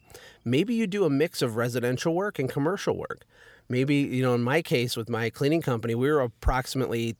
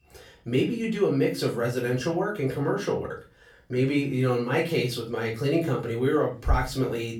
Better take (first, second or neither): first